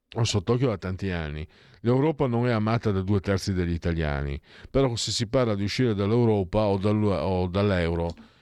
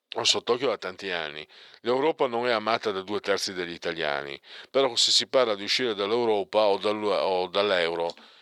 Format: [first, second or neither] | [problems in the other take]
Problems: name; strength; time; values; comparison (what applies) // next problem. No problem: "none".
first | thin; very; fading below 550 Hz